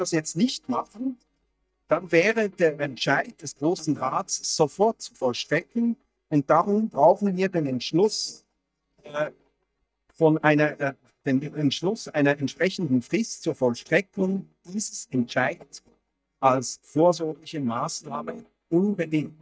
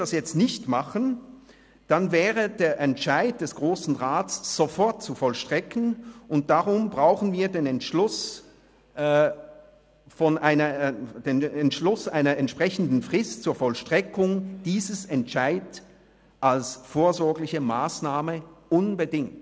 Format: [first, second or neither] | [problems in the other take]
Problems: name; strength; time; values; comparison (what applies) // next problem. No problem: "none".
second | noise reduction (neural mask model DeepFilterNet 3)